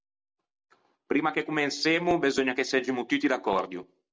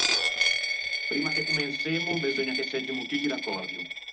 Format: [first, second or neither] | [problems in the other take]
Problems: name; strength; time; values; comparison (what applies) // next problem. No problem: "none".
first | background sound (Coin (dropping)); 4 dB above the speech // room echo; dies away in 0.4 s